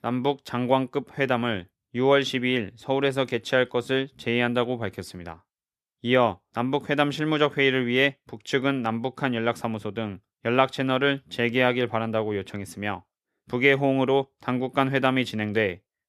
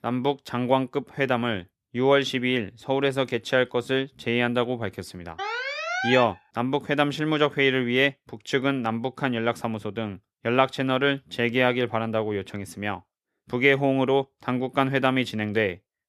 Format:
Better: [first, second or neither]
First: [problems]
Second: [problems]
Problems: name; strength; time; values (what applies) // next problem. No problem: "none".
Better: first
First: none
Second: alarm; noticeable; at 5.5 s; peak 2 dB below the speech